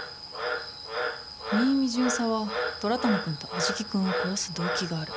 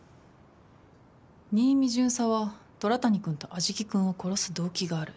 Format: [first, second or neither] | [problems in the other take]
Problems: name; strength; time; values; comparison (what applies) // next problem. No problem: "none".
second | background sound (Frog); 4 dB below the speech